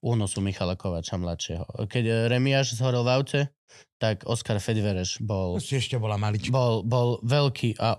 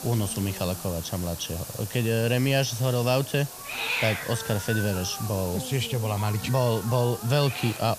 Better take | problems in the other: first | hiss; loud; throughout; 7 dB below the speech

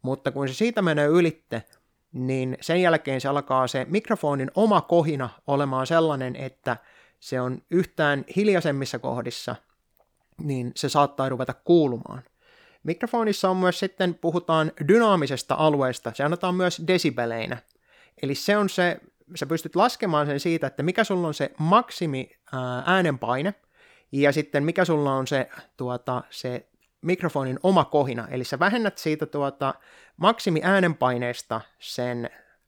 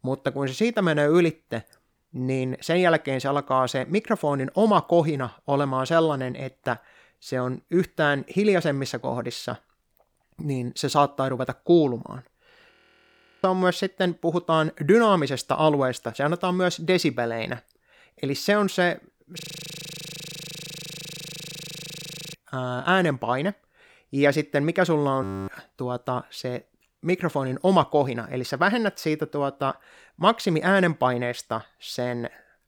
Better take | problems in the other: first | audio freezing; at 13 s for 0.5 s, at 19 s for 3 s and at 25 s

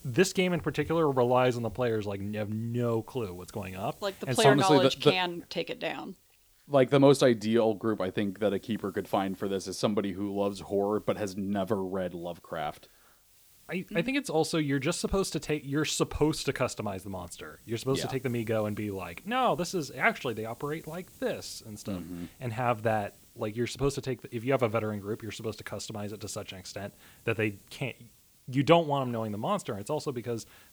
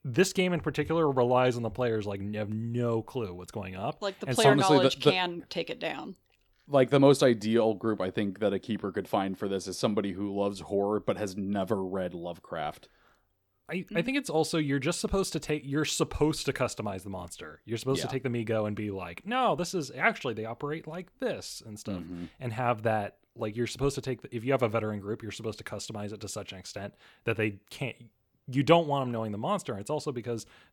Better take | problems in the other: second | hiss; faint; throughout; 25 dB below the speech

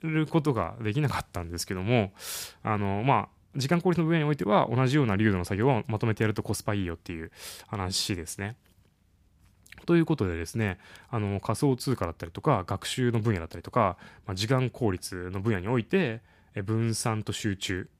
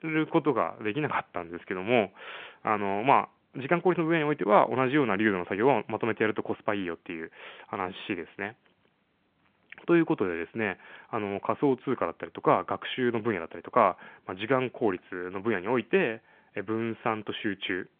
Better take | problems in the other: first | phone-call audio; nothing above 3.5 kHz

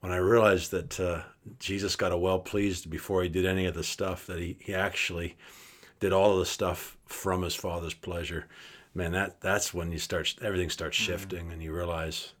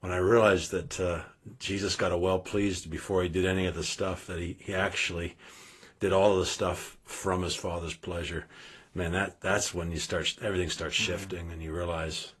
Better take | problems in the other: first | garbled, watery; slightly; nothing above 12.5 kHz

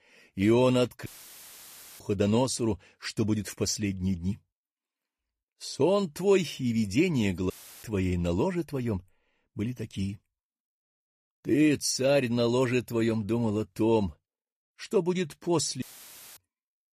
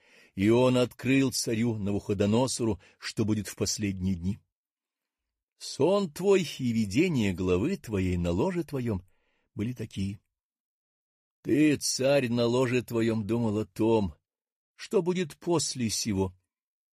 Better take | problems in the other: second | audio cutting out; filled with static; at 1 s for 1 s, at 7.5 s and at 16 s for 0.5 s

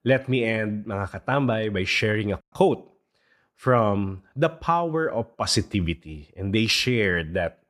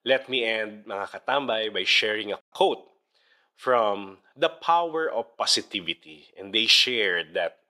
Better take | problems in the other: first | thin; very; fading below 500 Hz

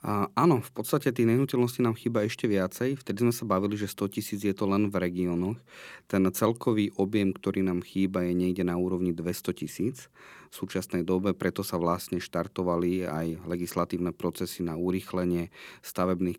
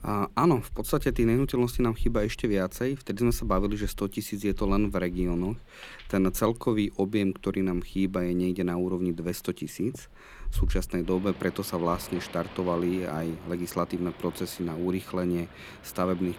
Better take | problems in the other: first | rain or running water; noticeable; throughout; 15 dB below the speech

